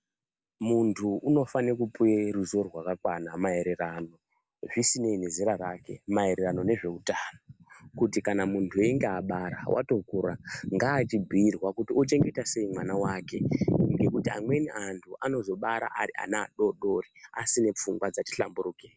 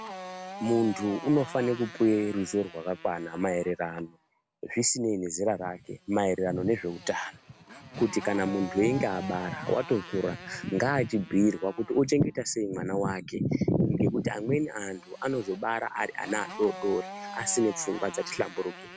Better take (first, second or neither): first